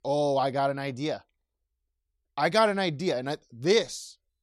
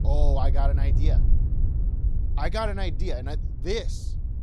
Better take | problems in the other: first | wind noise on the microphone; occasional gusts; 10 dB below the speech

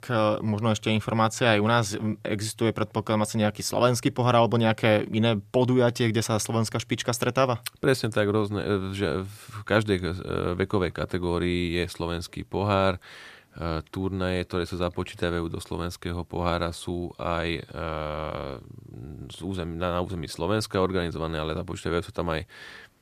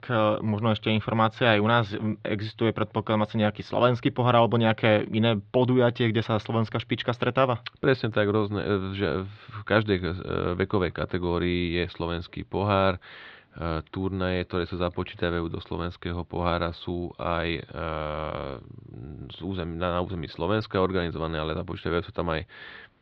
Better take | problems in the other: first | muffled; slightly; fading above 4 kHz

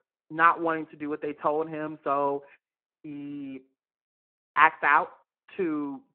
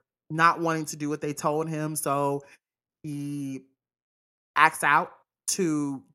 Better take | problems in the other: second | phone-call audio

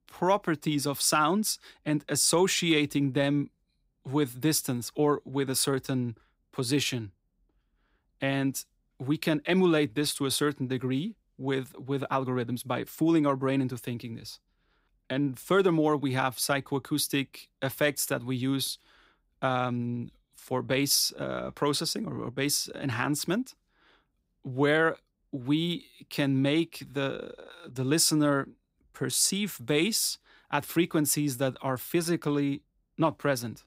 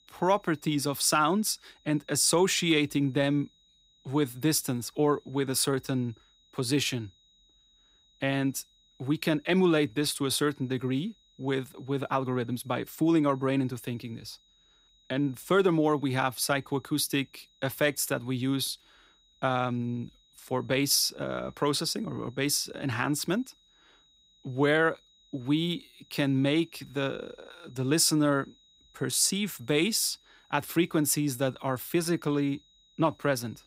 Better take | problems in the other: first | high-pitched whine; faint; throughout; 4 kHz, 35 dB below the speech

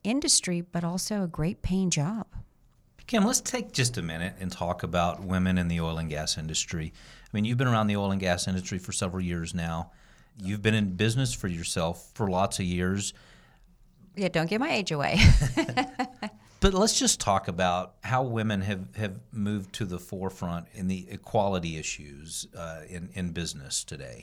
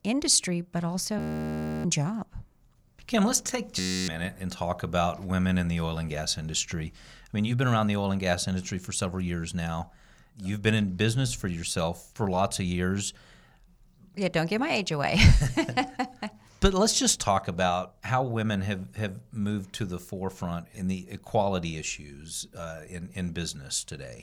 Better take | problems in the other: first | audio freezing; at 1 s for 0.5 s and at 4 s

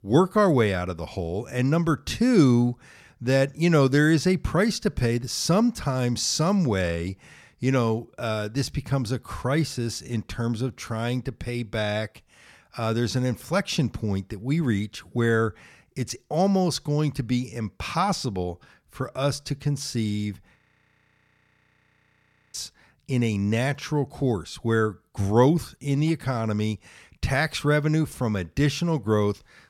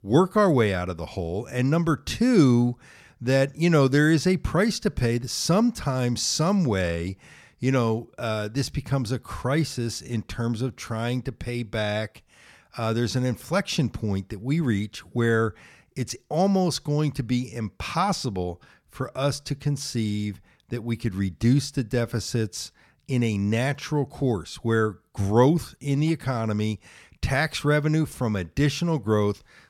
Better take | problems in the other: second | audio freezing; at 21 s for 2 s

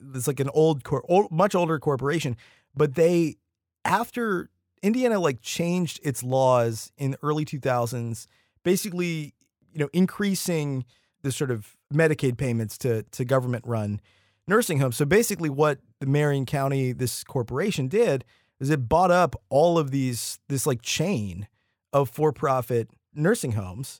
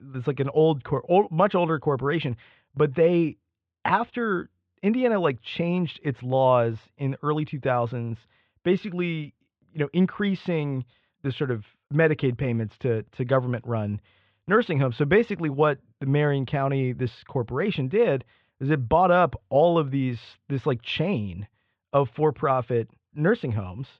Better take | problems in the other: first | muffled; very; fading above 3.5 kHz

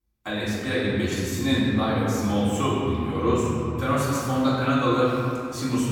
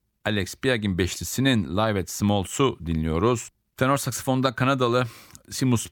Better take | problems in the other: second | off-mic speech; far // room echo; strong; dies away in 2.6 s

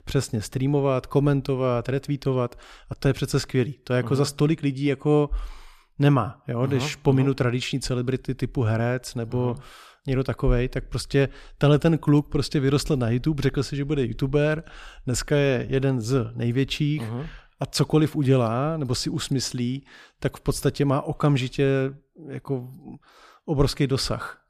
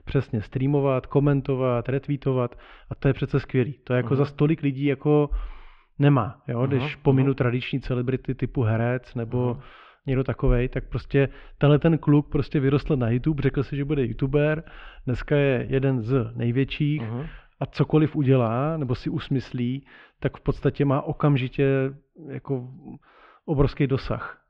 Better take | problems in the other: first | muffled; very; fading above 3 kHz

